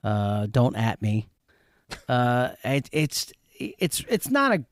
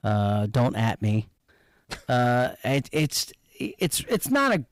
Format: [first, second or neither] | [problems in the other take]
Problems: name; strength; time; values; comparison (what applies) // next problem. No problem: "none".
first | distortion; slight; 7% of the sound clipped